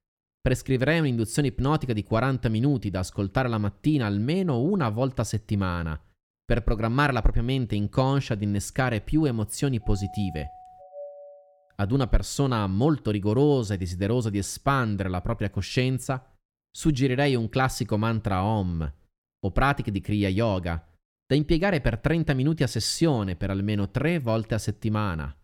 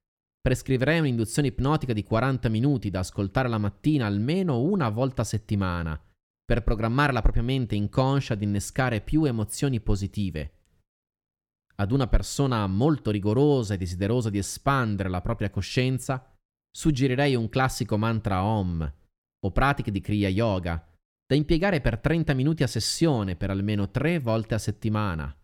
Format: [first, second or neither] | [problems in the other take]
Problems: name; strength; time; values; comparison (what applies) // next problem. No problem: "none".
second | doorbell; faint; from 10 to 11 s; peak 15 dB below the speech